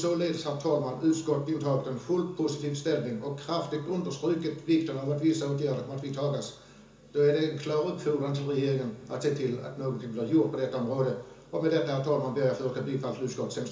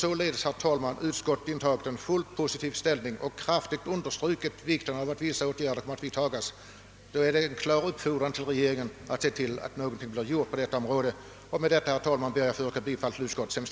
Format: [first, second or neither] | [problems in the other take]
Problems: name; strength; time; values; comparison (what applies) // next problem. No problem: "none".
second | room echo; dies away in 0.7 s